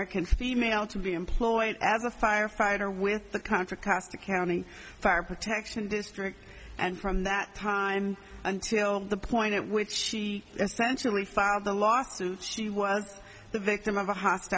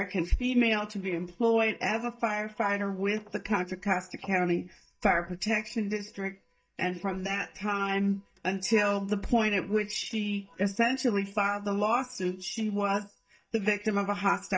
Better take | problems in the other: first | noise reduction (neural mask model DeepFilterNet 3)

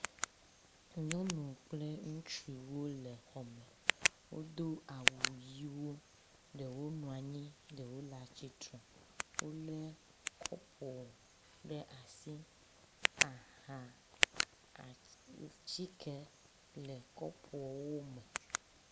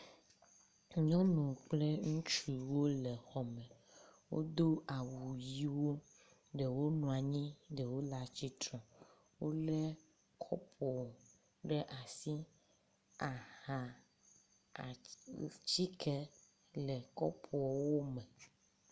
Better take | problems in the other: second | background sound (Tick); 3 dB above the speech

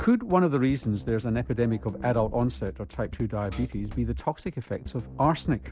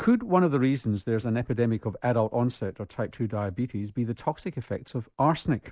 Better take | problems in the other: second | background sound (Drum kit + Tambourine); 13 dB below the speech

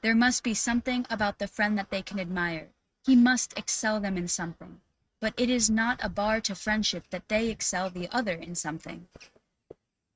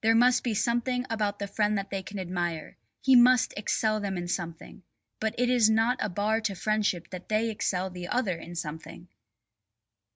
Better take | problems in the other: second | noise reduction (neural mask model RNNoise)

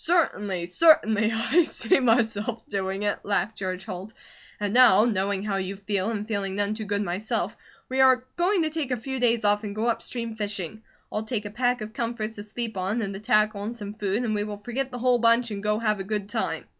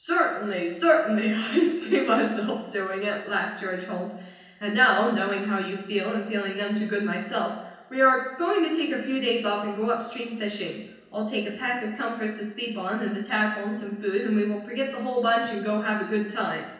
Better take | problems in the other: first | room echo; dies away in 0.9 s

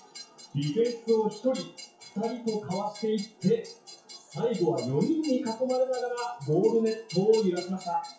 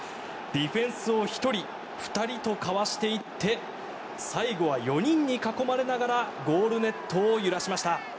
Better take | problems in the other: second | noise reduction (classical method WPE with log-MMSE)

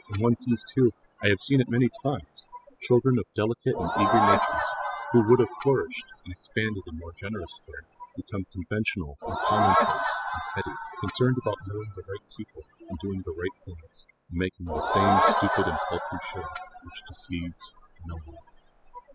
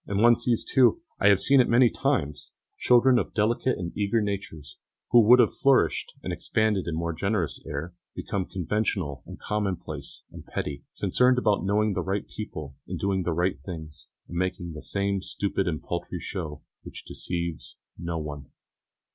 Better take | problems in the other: second | noise reduction (classical method spectral subtraction)

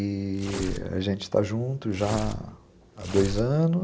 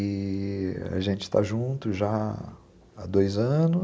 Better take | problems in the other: second | background sound (Tearing); 10 dB below the speech

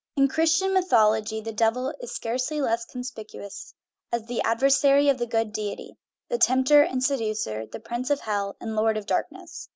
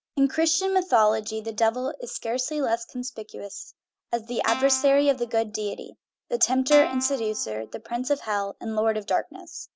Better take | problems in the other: first | background sound (Guitar); 10 dB below the speech

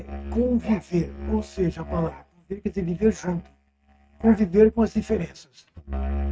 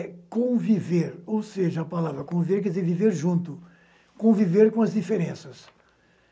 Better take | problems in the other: second | noise reduction (neural mask model RNNoise)

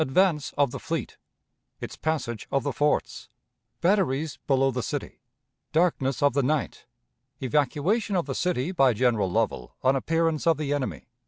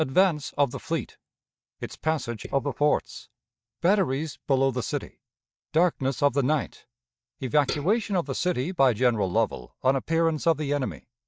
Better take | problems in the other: first | noise reduction (neural mask model DeepFilterNet 3)

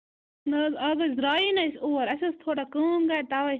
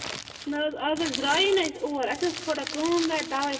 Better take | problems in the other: first | background sound (Crumpling, crinkling); 10 dB below the speech // room echo; dies away in 2.8 s

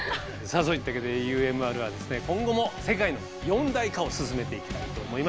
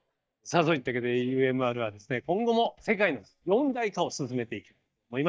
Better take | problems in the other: first | noise reduction (neural mask model DeepFilterNet 3)

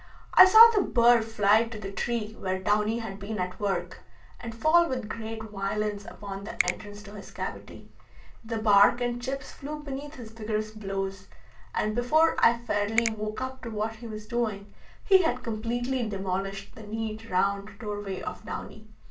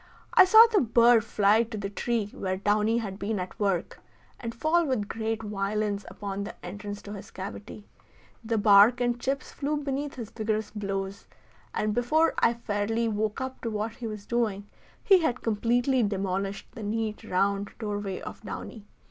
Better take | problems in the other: second | background sound (Finger snapping); 9 dB below the speech // room echo; dies away in 0.3 s

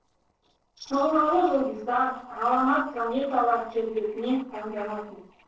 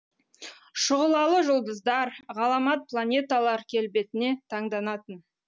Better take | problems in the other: second | noise reduction (neural separator model SepFormer DNS4)

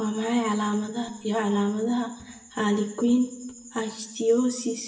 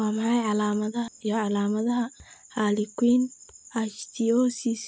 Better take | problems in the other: second | room echo; dies away in 0.8 s

